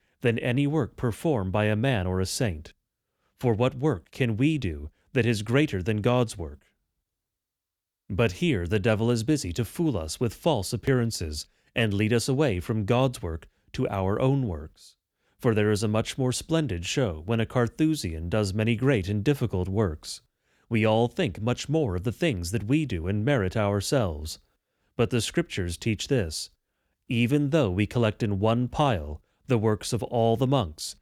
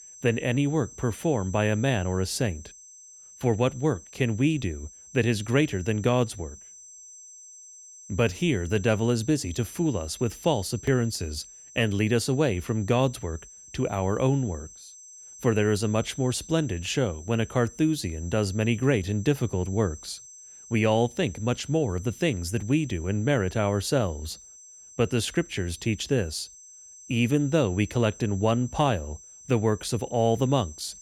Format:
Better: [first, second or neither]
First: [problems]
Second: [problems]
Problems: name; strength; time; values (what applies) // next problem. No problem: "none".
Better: first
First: none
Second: high-pitched whine; noticeable; throughout; 6 kHz, 20 dB below the speech